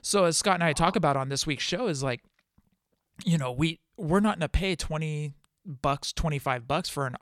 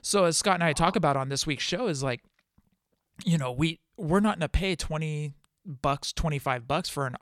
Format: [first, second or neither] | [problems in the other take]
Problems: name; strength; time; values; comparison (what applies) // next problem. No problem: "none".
neither | none